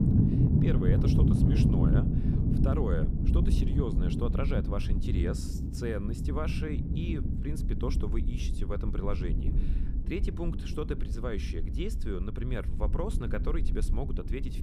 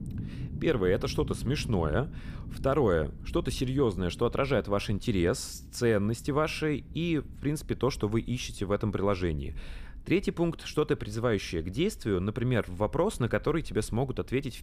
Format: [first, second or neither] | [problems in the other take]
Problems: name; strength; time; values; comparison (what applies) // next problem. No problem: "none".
second | low rumble; loud; throughout; as loud as the speech; faint in the second